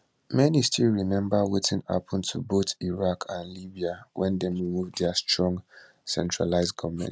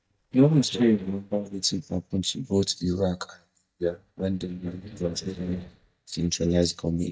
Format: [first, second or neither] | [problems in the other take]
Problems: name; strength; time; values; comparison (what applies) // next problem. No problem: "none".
first | noise reduction (neural mask model DeepFilterNet 3)